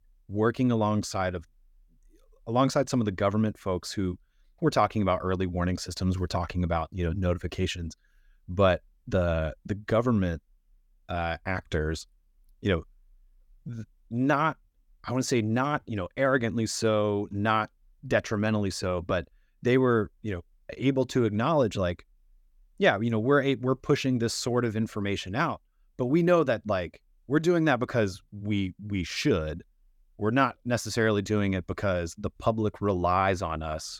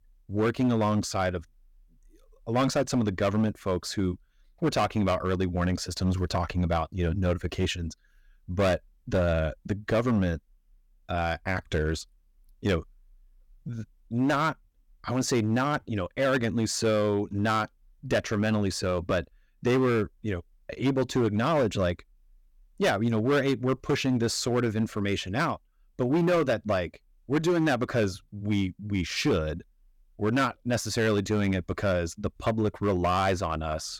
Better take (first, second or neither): first